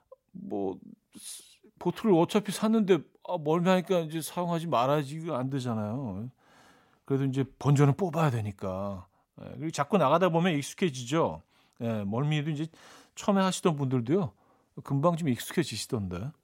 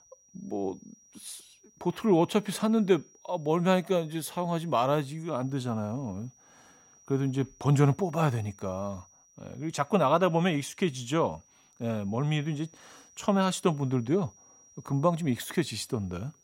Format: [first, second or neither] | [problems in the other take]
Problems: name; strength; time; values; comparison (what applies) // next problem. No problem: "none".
first | high-pitched whine; faint; throughout; 6 kHz, 30 dB below the speech